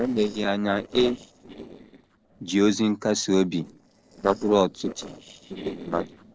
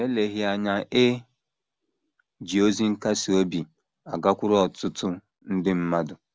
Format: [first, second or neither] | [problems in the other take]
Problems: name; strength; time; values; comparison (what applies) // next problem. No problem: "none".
second | noise reduction (neural separator model SepFormer DNS4)